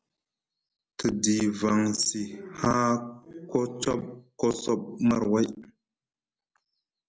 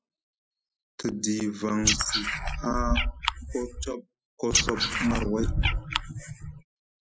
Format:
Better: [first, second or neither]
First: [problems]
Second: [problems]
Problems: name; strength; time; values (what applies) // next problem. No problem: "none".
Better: first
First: none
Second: noise reduction (classical method Wiener filter)